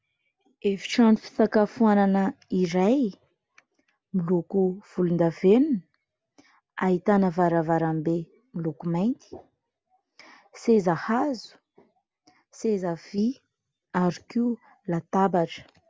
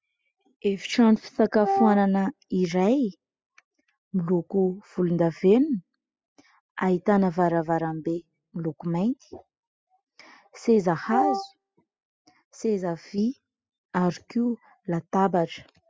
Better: first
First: none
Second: noise reduction (classical method spectral subtraction)

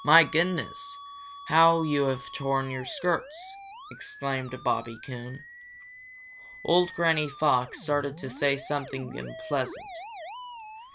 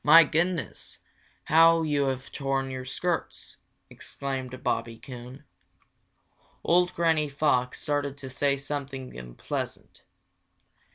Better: second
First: background sound (Musical instrument); 15 dB below the speech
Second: none

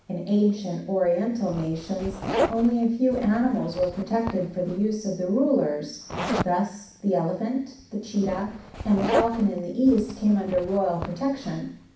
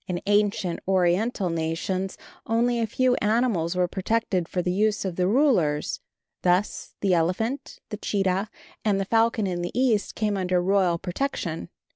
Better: second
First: background sound (Zipper (clothing)); 9 dB below the speech // room echo; dies away in 0.6 s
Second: none

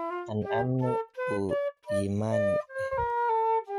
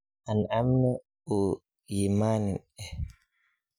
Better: second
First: noise reduction (neural mask model RNNoise)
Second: none

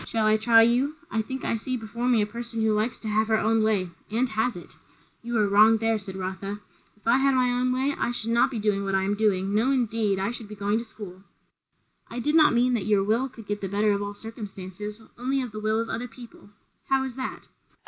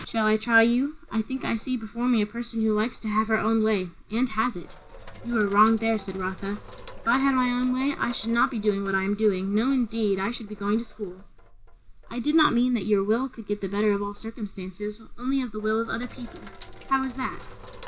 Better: first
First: none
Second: background sound (Sink (filling or washing)); 16 dB below the speech

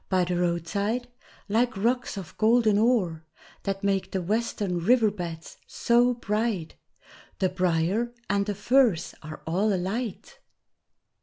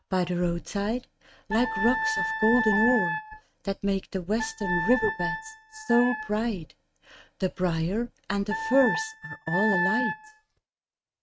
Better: first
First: none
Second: noise reduction (neural mask model RNNoise)

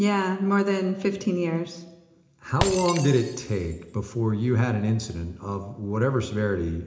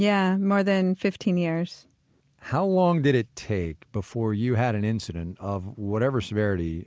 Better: second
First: background sound (Shatter); 14 dB below the speech // room echo; dies away in 0.8 s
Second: none

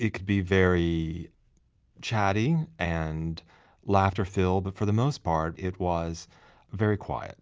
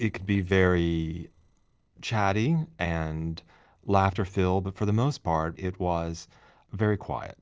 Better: first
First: none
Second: noise reduction (neural separator model SepFormer DNS4)

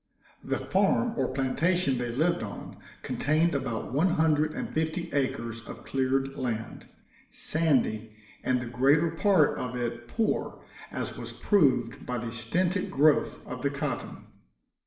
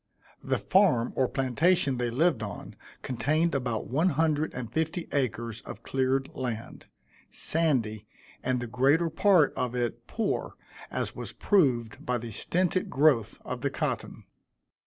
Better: second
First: room echo; dies away in 0.7 s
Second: none

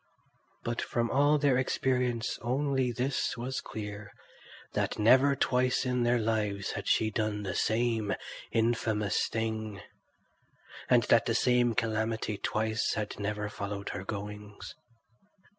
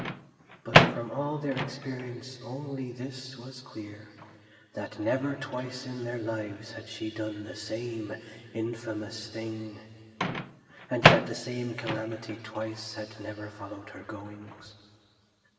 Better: first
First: none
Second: background sound (Microwave oven); 3 dB above the speech // room echo; dies away in 2.4 s

